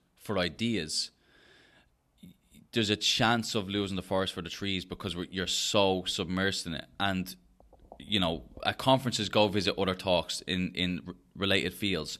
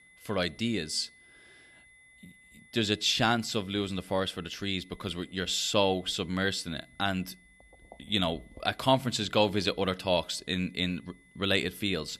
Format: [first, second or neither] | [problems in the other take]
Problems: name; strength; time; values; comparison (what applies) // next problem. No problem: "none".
first | high-pitched whine; faint; throughout; 2 kHz, 30 dB below the speech